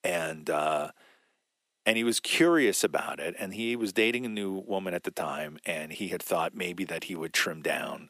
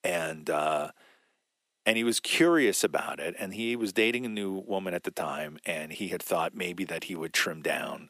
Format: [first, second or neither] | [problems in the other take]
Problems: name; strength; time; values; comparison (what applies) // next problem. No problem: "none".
neither | thin; somewhat; fading below 350 Hz; the same in both